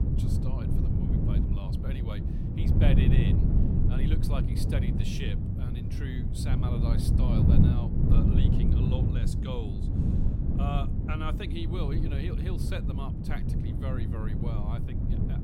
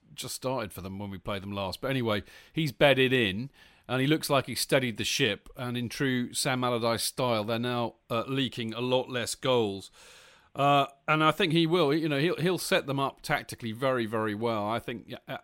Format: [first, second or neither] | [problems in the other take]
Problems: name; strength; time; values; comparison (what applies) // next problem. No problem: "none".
second | wind noise on the microphone; heavy; 2 dB above the speech